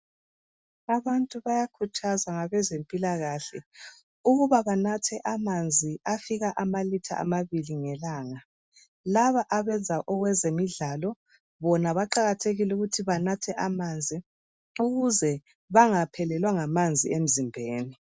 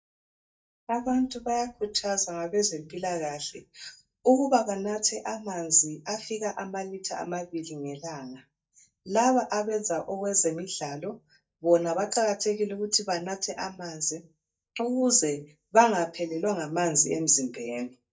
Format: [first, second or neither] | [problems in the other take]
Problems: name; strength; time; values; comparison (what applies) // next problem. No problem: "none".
first | noise reduction (neural mask model DeepFilterNet 3)